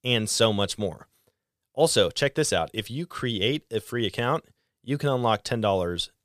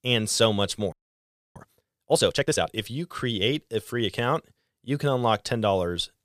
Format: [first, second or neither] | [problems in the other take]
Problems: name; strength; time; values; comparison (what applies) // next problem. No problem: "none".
first | audio freezing; at 1 s for 0.5 s